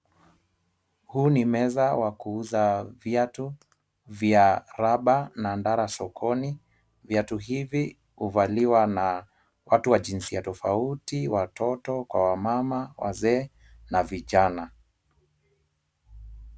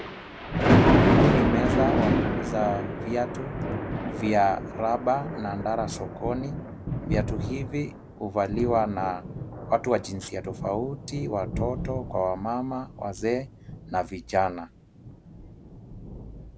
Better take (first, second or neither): first